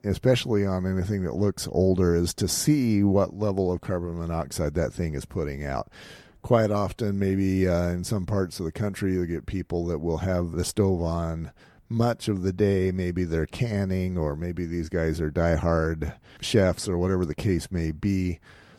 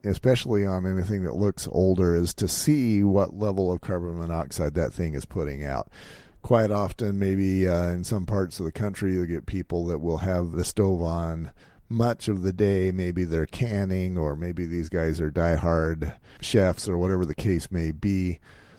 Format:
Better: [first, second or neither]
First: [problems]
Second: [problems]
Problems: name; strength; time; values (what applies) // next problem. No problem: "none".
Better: first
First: none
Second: garbled, watery; slightly; nothing above 18.5 kHz